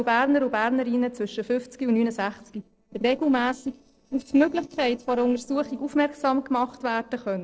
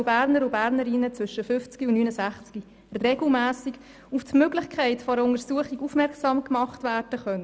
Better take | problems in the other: second | noise reduction (neural separator model SepFormer DNS4)

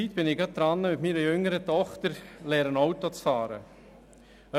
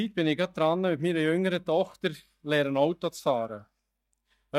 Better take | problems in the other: first | noise reduction (neural mask model DeepFilterNet 3)

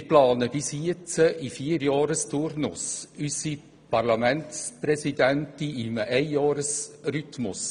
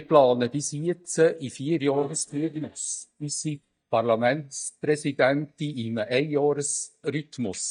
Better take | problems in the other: first | noise reduction (neural mask model DeepFilterNet 3)

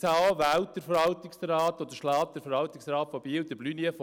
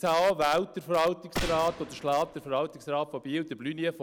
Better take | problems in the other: first | background sound (Gunshot, gunfire); 12 dB below the speech

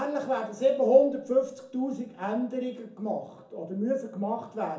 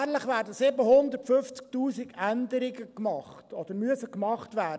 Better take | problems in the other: second | room echo; dies away in 0.6 s

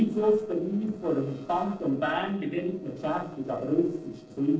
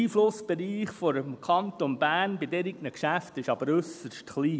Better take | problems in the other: second | noise reduction (neural separator model SepFormer DNS4)

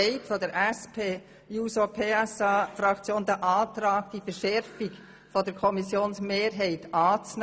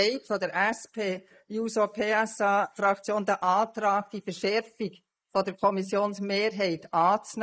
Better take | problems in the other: first | noise reduction (neural mask model Resemble Enhance denoiser)

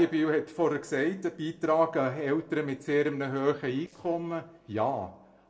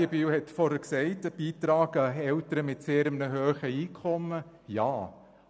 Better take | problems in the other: second | noise reduction (neural separator model SepFormer DNS4)

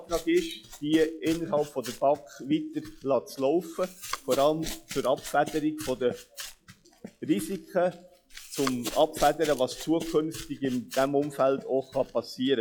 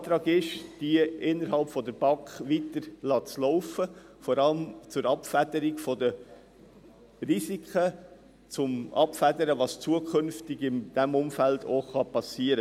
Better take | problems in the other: second | noise reduction (classical method log-MMSE)

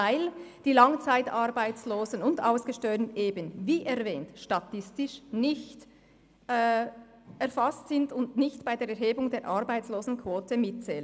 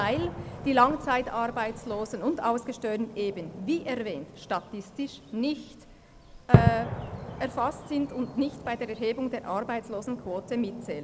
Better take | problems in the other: first | background sound (Fireworks); 3 dB below the speech

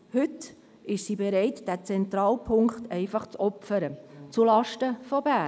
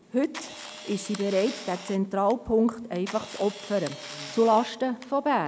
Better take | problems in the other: first | background sound (Camera); 15 dB below the speech

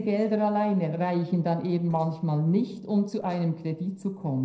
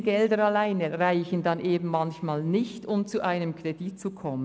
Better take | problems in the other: second | noise reduction (neural separator model SepFormer DNS4)

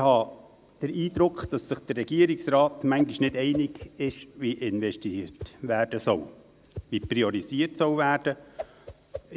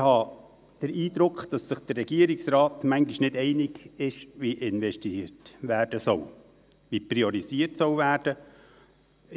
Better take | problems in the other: second | background sound (Whoosh, swoosh, swish); 18 dB below the speech

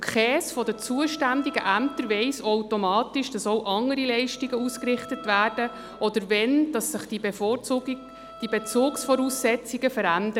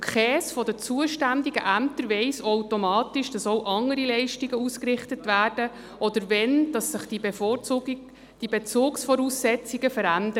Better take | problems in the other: second | background sound (Bowed string instrument); 19 dB below the speech

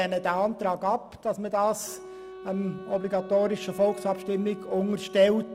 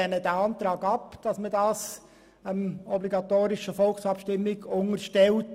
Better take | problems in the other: second | background sound (Wind instrument, woodwind instrument); 16 dB below the speech

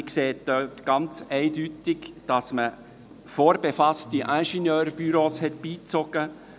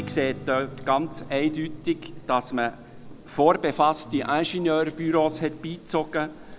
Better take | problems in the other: first | background sound (Chewing, mastication + Strum); 16 dB below the speech

